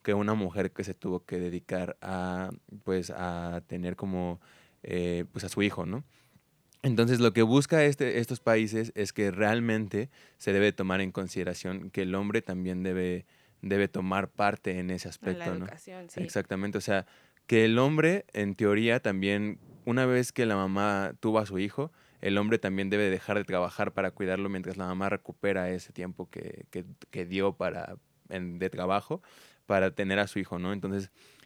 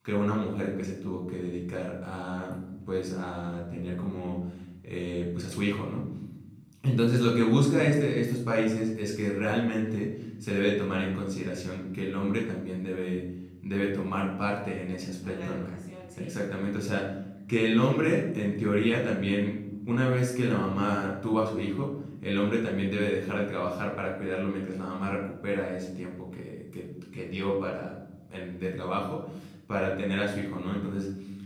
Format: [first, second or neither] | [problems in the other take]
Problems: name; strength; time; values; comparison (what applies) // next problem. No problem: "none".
first | off-mic speech; far // room echo; noticeable; dies away in 1 s